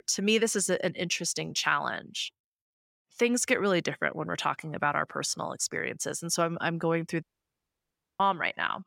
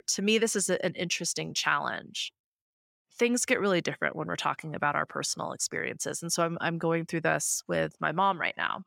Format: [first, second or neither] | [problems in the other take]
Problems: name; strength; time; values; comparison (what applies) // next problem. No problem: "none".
second | audio cutting out; at 7 s for 1 s